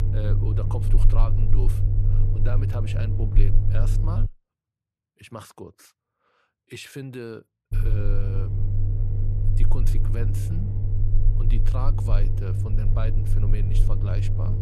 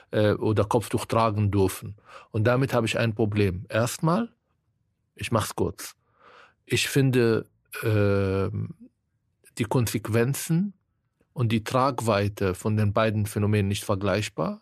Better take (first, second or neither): second